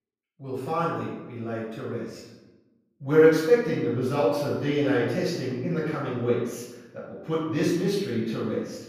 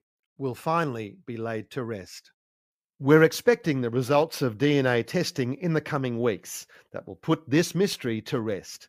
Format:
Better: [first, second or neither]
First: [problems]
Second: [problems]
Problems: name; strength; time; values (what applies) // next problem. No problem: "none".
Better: second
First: off-mic speech; far // room echo; noticeable; dies away in 0.9 s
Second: none